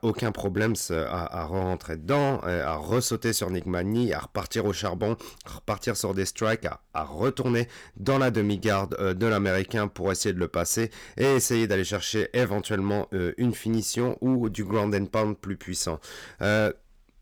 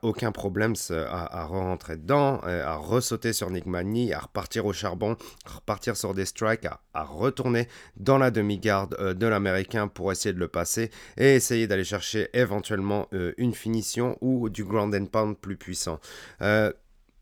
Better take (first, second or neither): second